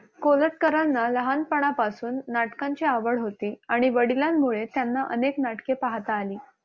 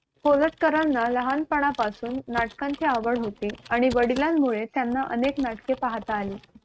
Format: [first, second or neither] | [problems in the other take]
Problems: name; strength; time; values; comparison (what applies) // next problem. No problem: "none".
first | noise reduction (neural mask model RNNoise)